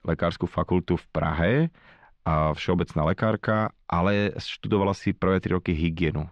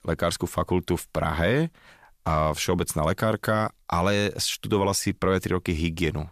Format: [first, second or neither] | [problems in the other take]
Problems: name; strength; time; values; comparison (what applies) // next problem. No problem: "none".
second | muffled; slightly; fading above 3.5 kHz